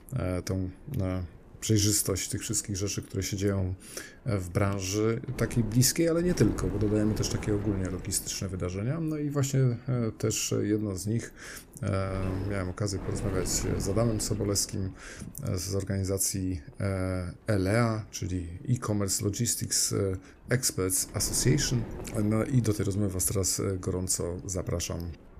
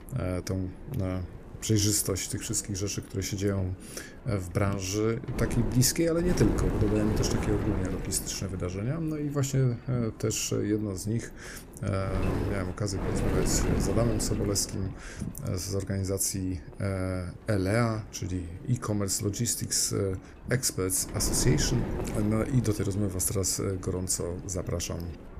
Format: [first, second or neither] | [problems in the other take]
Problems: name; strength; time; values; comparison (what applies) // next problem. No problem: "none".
first | wind noise on the microphone; heavy; 8 dB below the speech; occasional gusts in the first